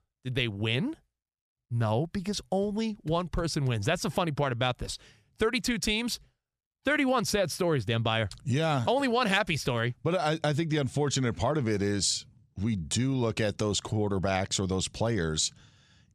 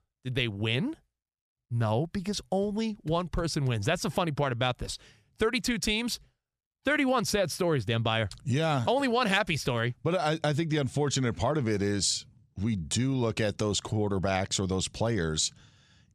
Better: neither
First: none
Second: none

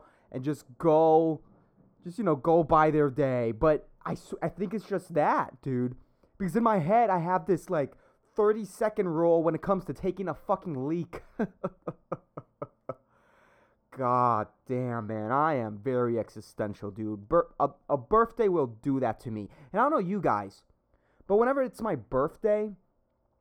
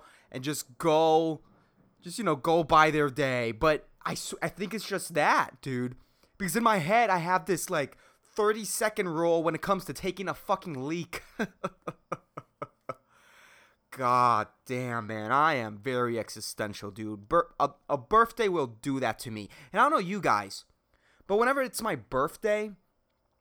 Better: second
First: muffled; very; fading above 1.5 kHz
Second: none

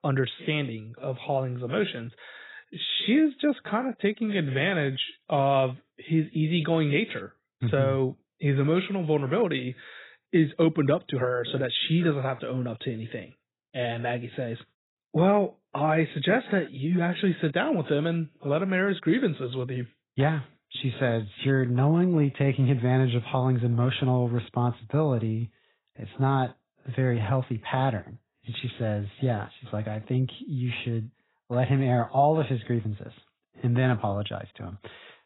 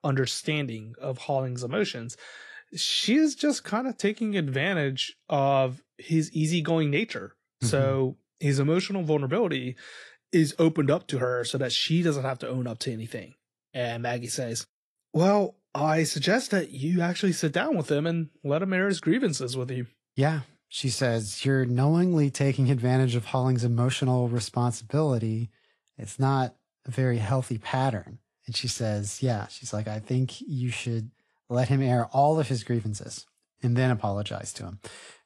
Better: second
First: garbled, watery; badly; nothing above 4 kHz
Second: garbled, watery; slightly; nothing above 11 kHz

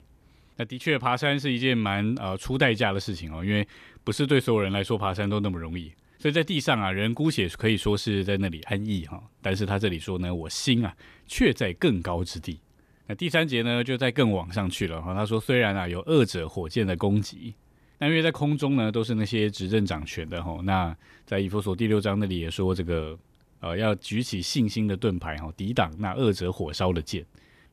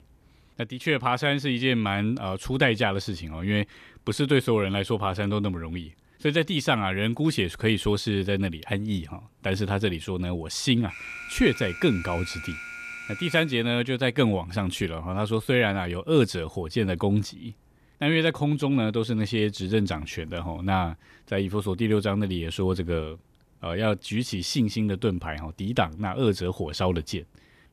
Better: first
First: none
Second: alarm; noticeable; from 11 to 14 s; peak 10 dB below the speech

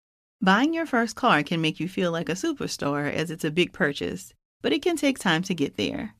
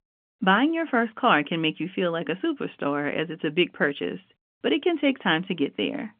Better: first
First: none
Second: phone-call audio; nothing above 3 kHz

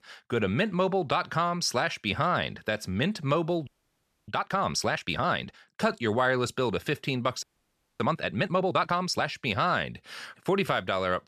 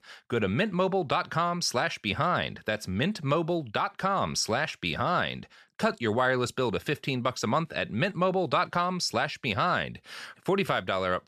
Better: second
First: audio freezing; at 3.5 s for 0.5 s and at 7.5 s for 0.5 s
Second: none

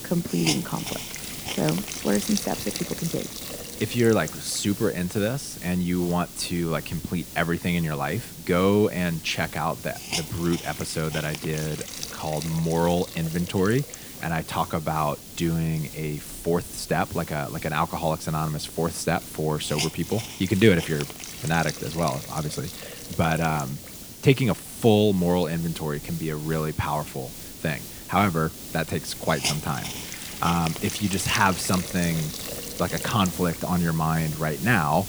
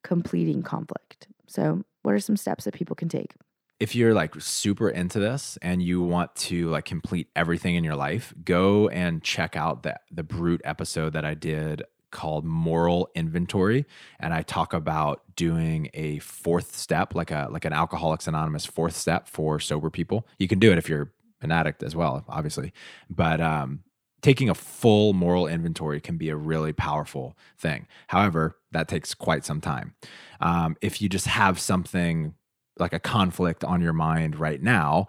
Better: second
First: hiss; loud; throughout; 8 dB below the speech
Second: none

